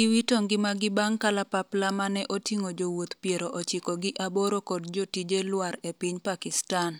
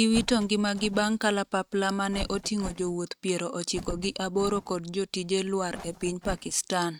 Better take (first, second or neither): first